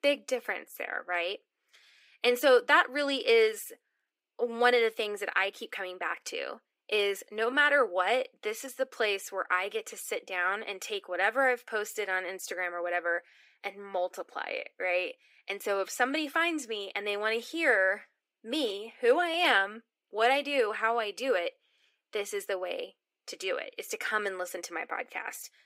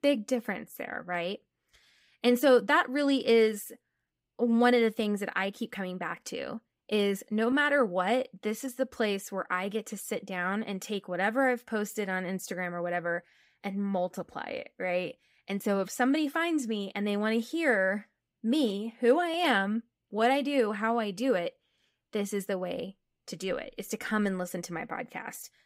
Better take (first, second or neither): second